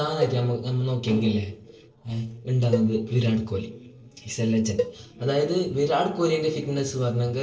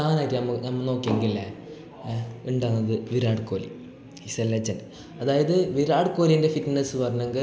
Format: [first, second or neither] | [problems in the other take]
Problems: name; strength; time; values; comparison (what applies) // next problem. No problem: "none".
second | noise reduction (neural separator model SepFormer DNS4)